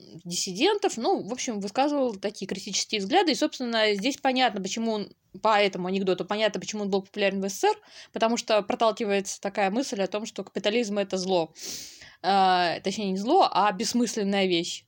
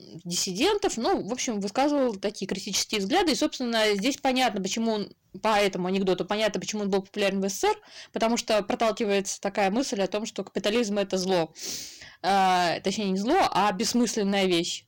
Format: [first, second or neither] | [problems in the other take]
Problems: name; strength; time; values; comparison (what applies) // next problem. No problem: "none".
first | distortion; slight; 11% of the sound clipped